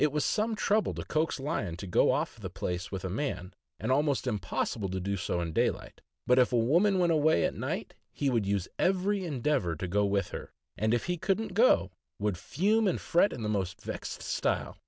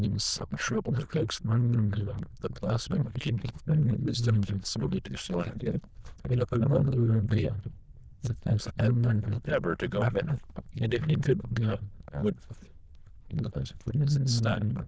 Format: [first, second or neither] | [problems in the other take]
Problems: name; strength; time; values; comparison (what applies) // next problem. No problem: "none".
first | noise reduction (neural diffusion model UNIVERSE++)